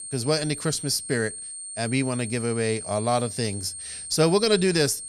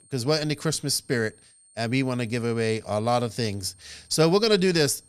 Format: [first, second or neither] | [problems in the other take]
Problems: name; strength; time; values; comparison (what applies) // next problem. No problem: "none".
second | high-pitched whine; loud; throughout; 8.5 kHz, 9 dB below the speech; faint in the second